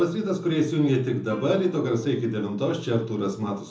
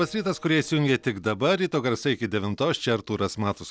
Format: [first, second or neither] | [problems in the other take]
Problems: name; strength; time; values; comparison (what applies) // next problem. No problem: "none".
second | background sound (Plucked string instrument); 19 dB below the speech // room echo; dies away in 0.6 s